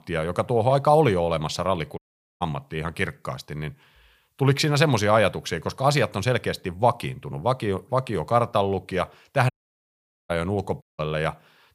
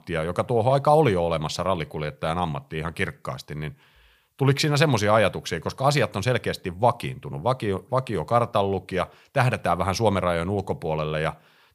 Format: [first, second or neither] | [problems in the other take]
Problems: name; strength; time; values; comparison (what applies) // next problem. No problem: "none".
second | audio cutting out; at 2 s, at 9.5 s for 1 s and at 11 s